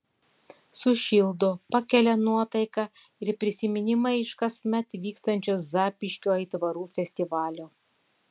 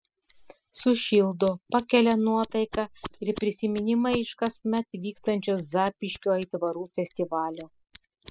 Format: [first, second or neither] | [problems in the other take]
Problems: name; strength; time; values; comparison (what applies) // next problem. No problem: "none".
first | noise reduction (classical method spectral subtraction)